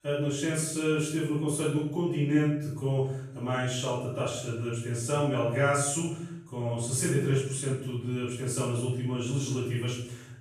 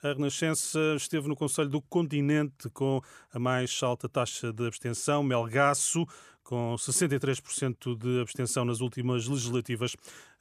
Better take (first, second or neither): second